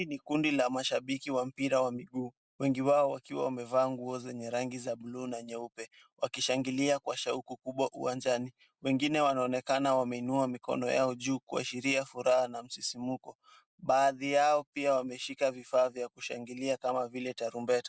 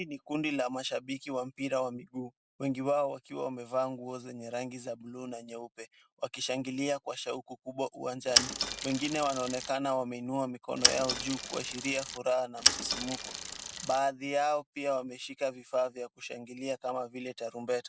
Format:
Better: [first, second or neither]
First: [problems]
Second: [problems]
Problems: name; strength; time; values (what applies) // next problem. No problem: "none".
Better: first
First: none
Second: background sound (Mechanisms / Bicycle); 2 dB above the speech